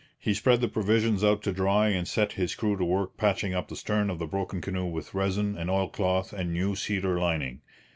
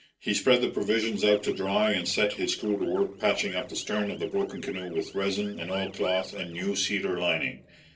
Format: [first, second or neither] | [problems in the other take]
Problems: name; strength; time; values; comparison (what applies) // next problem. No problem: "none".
first | noise reduction (neural separator model SepFormer DNS4)